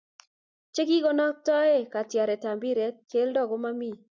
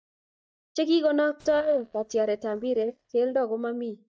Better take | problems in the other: first | noise reduction (neural mask model DeepFilterNet 3)

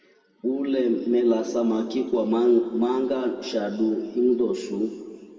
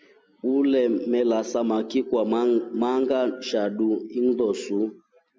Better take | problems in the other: second | room echo; dies away in 2.3 s

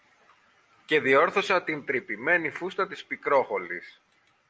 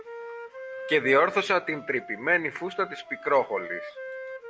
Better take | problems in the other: first | background sound (Wind instrument, woodwind instrument); 13 dB below the speech

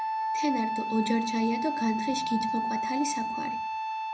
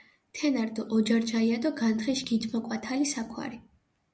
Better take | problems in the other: second | background sound (Wind instrument, woodwind instrument); as loud as the speech

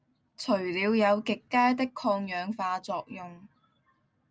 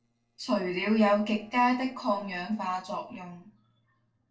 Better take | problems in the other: first | noise reduction (neural separator model SepFormer DNS4)

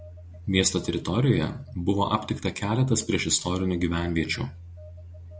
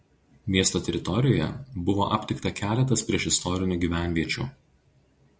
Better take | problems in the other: second | background sound (Telephone); 19 dB below the speech

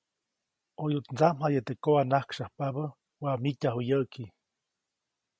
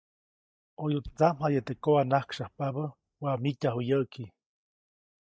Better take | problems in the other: first | noise reduction (neural mask model DeepFilterNet 3)

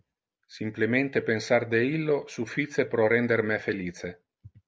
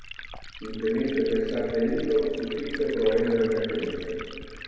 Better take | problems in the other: first | background sound (Liquid); 11 dB below the speech // room echo; dies away in 2.2 s

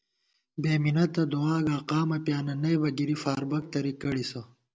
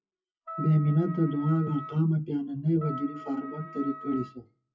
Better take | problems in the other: first | noise reduction (classical method WPE with log-MMSE)

